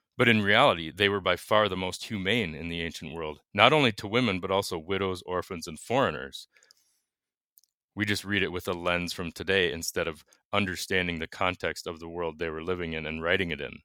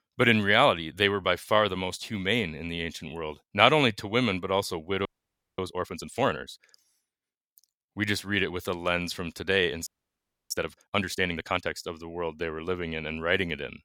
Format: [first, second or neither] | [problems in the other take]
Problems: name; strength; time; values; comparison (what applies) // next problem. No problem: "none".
first | audio freezing; at 5 s for 0.5 s and at 10 s for 0.5 s